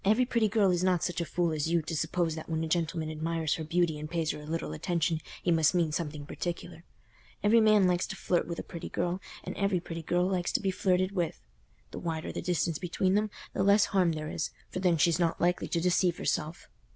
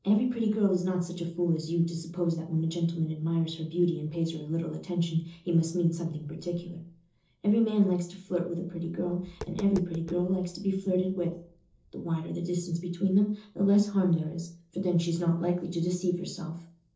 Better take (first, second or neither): first